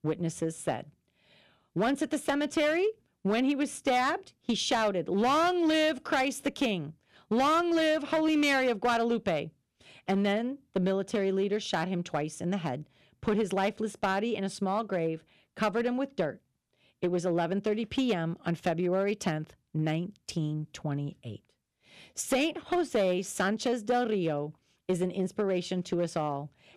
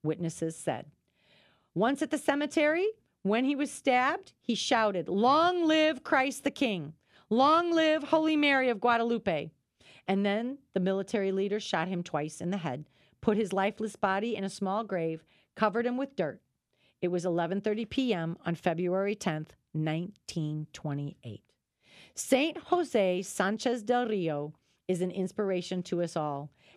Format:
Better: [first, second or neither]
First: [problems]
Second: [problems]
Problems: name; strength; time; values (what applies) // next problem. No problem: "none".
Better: second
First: distortion; slight; 5% of the sound clipped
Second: none